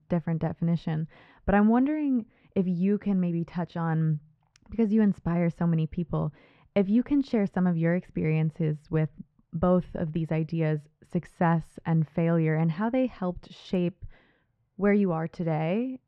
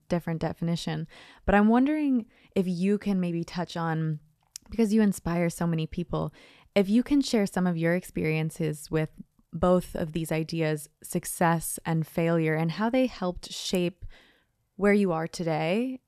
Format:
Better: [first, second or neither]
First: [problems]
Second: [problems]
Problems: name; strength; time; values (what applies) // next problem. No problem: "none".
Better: second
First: muffled; very; fading above 2 kHz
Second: none